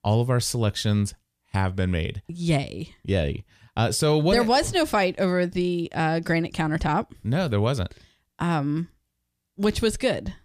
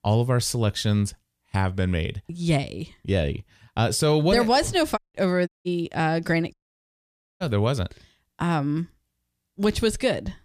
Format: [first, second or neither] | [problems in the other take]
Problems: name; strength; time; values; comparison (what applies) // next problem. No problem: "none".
first | audio cutting out; at 5 s, at 5.5 s and at 6.5 s for 1 s